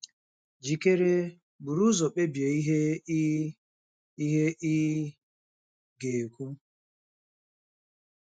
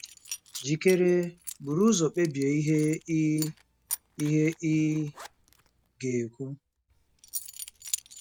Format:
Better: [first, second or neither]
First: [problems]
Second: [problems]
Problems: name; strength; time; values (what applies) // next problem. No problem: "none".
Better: first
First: none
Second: background sound (Coin (dropping) / Zipper (clothing)); 15 dB below the speech